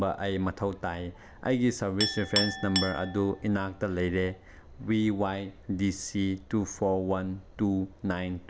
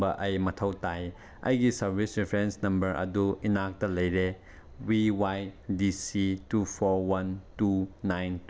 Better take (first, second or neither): second